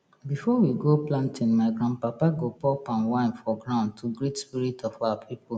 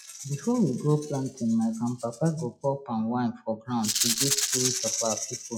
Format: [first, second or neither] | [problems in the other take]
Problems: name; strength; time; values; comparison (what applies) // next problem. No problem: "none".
first | noise reduction (classical method log-MMSE)